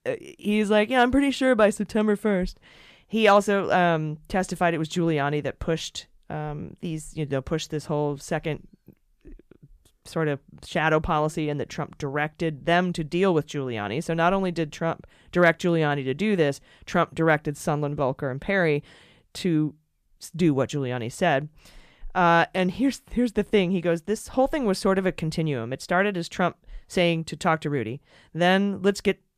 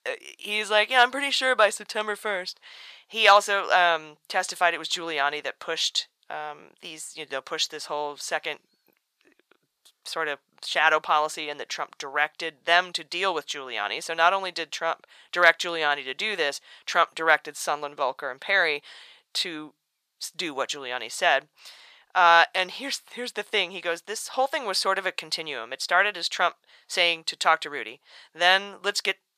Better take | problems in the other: first | thin; very; fading below 900 Hz

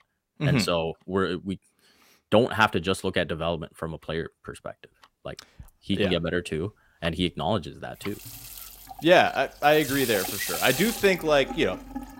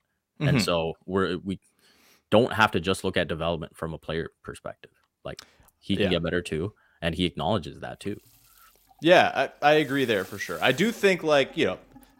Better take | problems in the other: second | household noises; loud; throughout; 9 dB below the speech; faint in the second

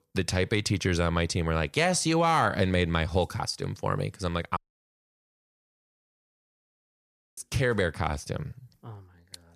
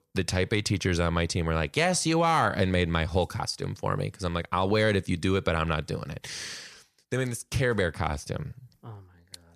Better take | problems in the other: second | audio cutting out; at 4.5 s for 3 s

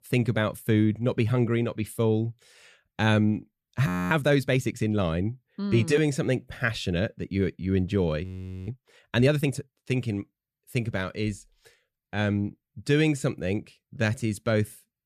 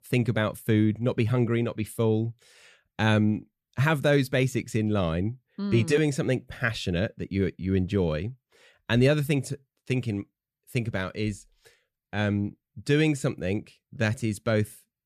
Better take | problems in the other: second | audio freezing; at 4 s and at 8 s

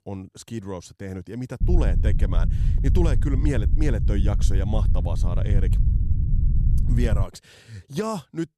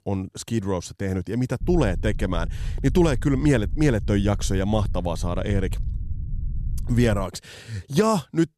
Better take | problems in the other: second | low rumble; loud; from 1.5 to 7 s; 7 dB below the speech; faint in the second

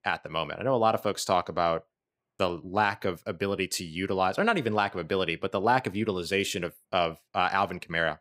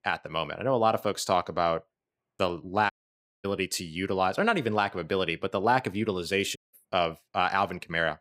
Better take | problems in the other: first | audio cutting out; at 3 s for 0.5 s and at 6.5 s

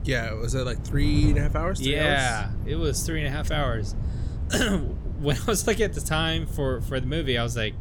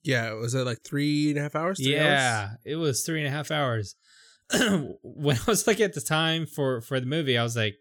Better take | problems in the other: second | wind noise on the microphone; occasional gusts; 15 dB below the speech

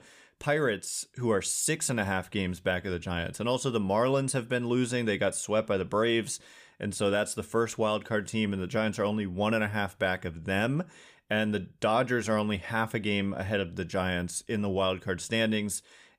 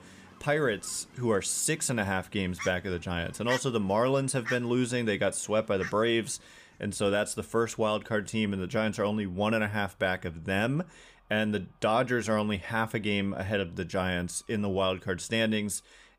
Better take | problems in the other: first | animal sounds; noticeable; throughout; 15 dB below the speech

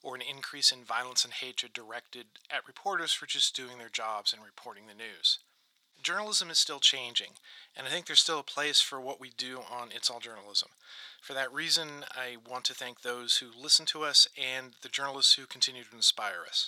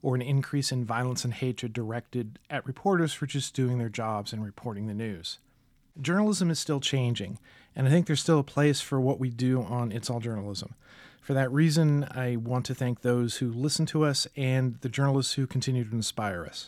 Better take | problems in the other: second | thin; very; fading below 900 Hz

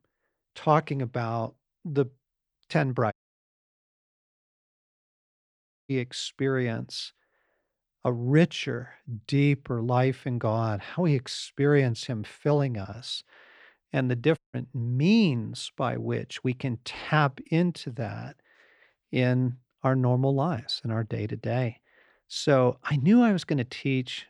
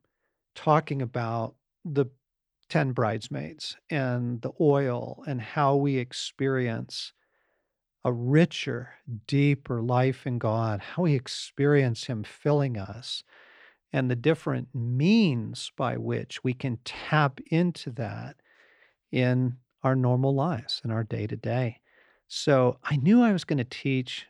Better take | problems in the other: second | audio cutting out; at 3 s for 3 s and at 14 s

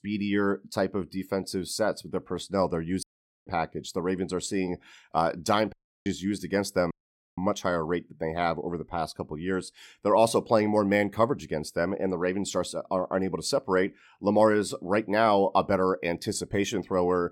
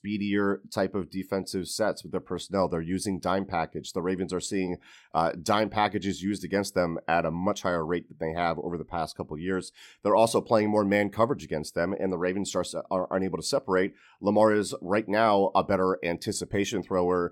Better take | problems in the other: second | audio cutting out; at 3 s, at 5.5 s and at 7 s

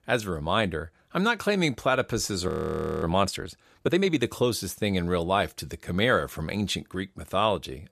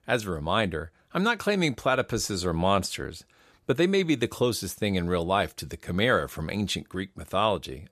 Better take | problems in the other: second | audio freezing; at 2.5 s for 0.5 s

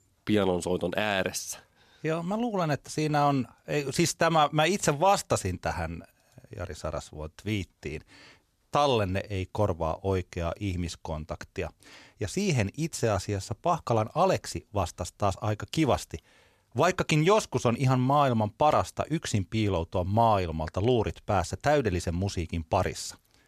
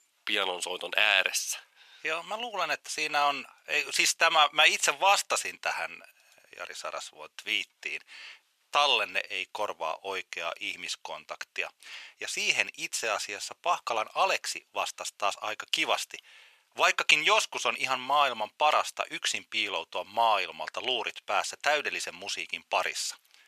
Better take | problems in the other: first | thin; very; fading below 900 Hz

